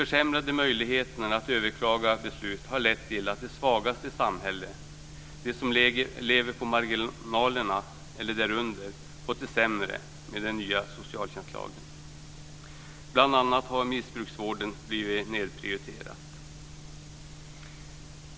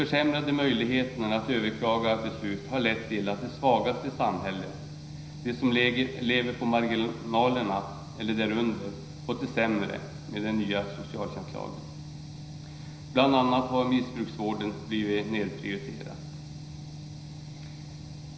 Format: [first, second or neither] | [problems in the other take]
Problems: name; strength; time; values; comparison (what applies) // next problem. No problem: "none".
first | room echo; dies away in 0.9 s